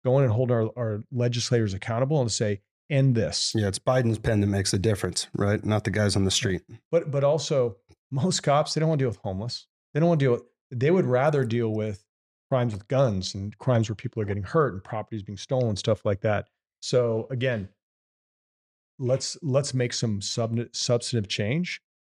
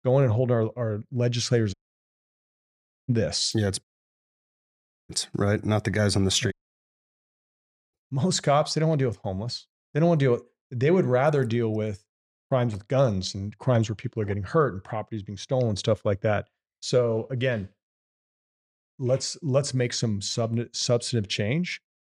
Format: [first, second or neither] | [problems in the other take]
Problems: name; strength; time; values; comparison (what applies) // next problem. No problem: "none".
first | audio cutting out; at 1.5 s for 1.5 s, at 4 s for 1.5 s and at 6.5 s for 1.5 s